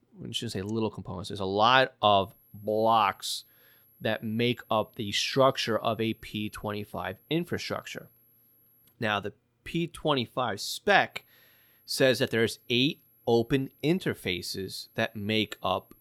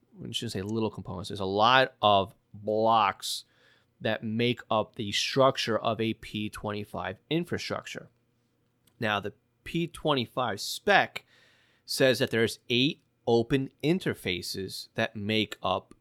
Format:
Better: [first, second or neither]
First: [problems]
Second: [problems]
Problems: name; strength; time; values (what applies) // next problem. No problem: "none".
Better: second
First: high-pitched whine; faint; from 2 to 9 s and from 11 s on; 11.5 kHz, 30 dB below the speech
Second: none